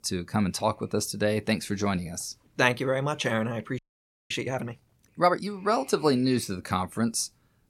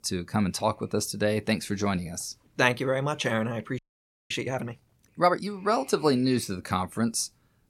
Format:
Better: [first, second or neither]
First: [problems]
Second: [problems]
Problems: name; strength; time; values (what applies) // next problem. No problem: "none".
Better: neither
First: audio freezing; at 4 s for 0.5 s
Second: audio freezing; at 4 s for 0.5 s